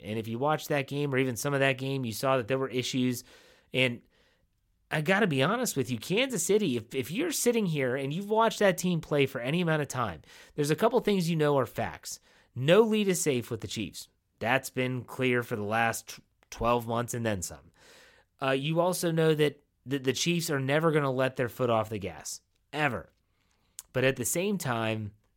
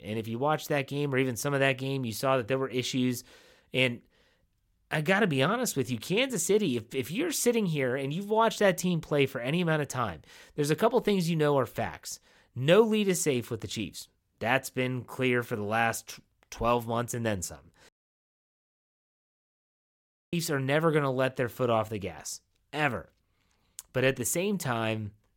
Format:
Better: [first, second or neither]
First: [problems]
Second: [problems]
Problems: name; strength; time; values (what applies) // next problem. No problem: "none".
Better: first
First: none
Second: audio cutting out; at 18 s for 2.5 s